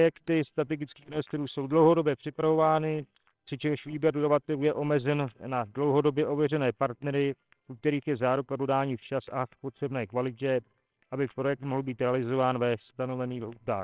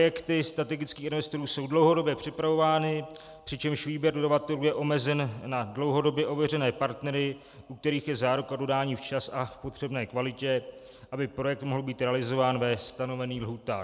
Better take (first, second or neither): second